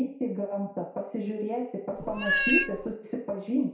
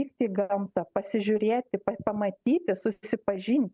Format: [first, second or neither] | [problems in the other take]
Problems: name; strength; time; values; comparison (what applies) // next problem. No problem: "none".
second | background sound (Meow); 3 dB above the speech // room echo; dies away in 0.6 s